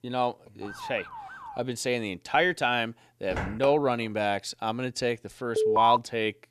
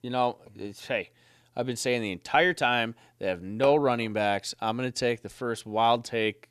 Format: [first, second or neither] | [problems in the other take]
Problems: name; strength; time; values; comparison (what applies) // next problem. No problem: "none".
second | siren; faint; at 0.5 s; peak 10 dB below the speech // footsteps; noticeable; at 3.5 s; peak 6 dB below the speech // alarm; loud; at 5.5 s; peak 5 dB above the speech